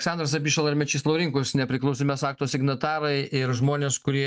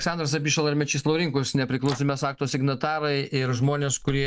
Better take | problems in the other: first | background sound (Microwave oven); 19 dB below the speech

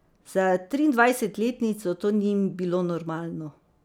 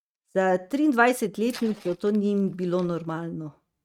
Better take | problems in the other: first | noise reduction (neural mask model RNNoise)

